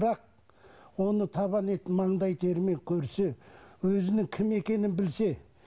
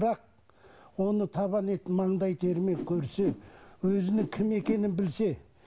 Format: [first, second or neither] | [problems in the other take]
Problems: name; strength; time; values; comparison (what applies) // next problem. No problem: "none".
first | background sound (Whoosh, swoosh, swish); 10 dB below the speech